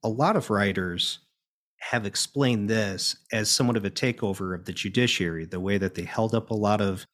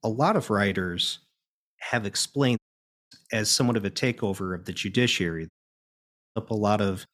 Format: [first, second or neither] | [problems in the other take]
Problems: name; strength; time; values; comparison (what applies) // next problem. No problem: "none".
first | audio cutting out; at 2.5 s for 0.5 s and at 5.5 s for 1 s